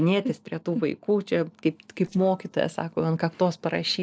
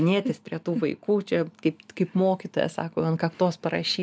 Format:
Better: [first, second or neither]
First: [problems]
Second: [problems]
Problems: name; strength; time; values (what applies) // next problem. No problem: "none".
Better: second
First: noise reduction (neural separator model SepFormer DNS4)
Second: none